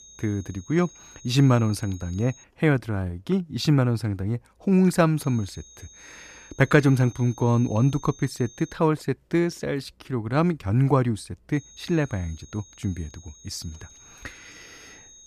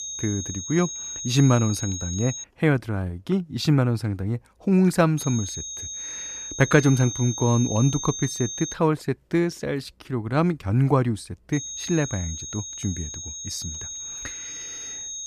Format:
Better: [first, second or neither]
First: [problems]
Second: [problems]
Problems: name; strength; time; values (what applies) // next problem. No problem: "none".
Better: first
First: high-pitched whine; faint; until 2.5 s, from 5 to 8.5 s and from 12 s on; 6.5 kHz, 25 dB below the speech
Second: high-pitched whine; loud; until 2.5 s, from 5 to 8.5 s and from 12 s on; 6.5 kHz, 8 dB below the speech